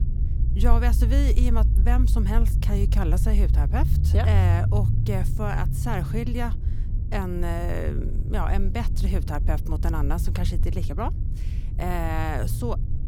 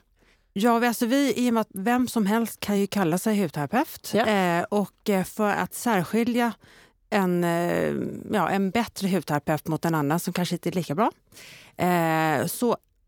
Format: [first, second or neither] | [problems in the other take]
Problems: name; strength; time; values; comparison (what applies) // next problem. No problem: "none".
second | low rumble; loud; throughout; 9 dB below the speech